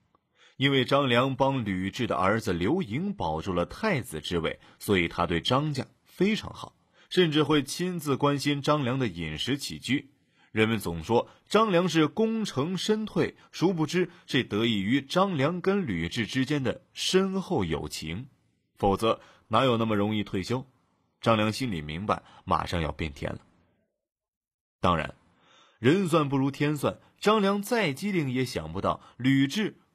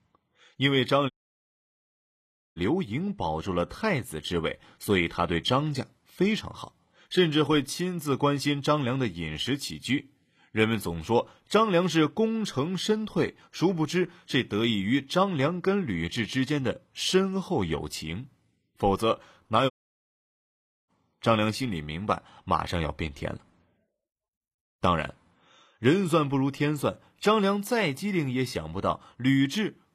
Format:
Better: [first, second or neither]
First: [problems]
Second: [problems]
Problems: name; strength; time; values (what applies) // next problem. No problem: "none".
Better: first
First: none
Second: audio cutting out; at 1 s for 1.5 s and at 20 s for 1 s